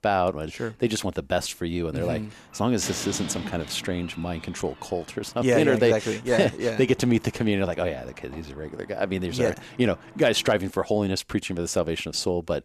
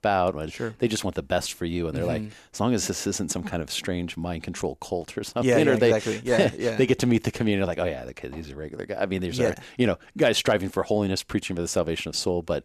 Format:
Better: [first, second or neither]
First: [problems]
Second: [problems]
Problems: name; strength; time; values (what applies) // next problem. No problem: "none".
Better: second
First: door banging; noticeable; from 2 to 10 s; peak 8 dB below the speech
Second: none